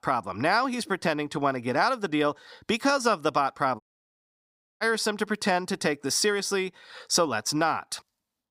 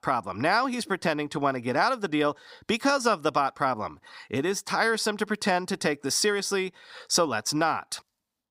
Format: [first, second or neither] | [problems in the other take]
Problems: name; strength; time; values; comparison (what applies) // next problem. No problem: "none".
second | audio cutting out; at 4 s for 1 s